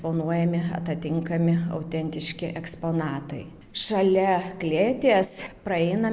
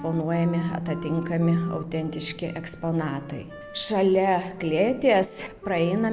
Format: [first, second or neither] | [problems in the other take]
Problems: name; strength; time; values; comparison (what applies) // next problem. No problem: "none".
first | background sound (Wind instrument, woodwind instrument); 16 dB below the speech